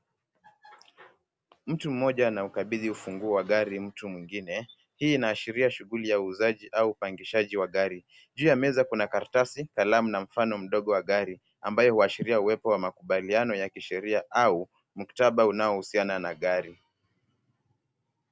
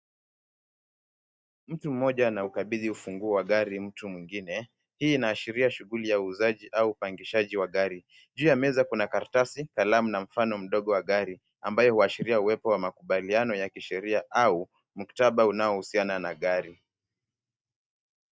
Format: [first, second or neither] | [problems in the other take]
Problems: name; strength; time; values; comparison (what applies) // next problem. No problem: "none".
first | noise reduction (neural mask model DeepFilterNet 3)